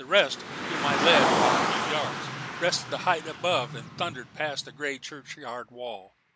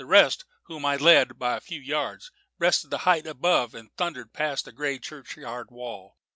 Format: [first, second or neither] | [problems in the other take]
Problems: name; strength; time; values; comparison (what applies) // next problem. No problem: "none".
second | background sound (Car); 1 dB below the speech